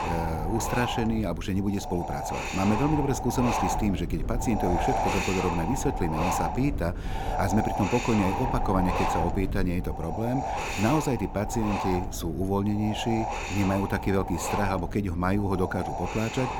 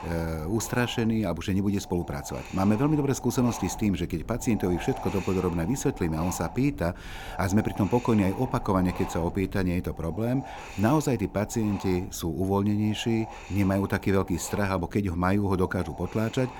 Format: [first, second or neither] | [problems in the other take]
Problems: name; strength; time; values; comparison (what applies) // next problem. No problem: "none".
second | wind noise on the microphone; heavy; 1 dB above the speech; occasional gusts in the second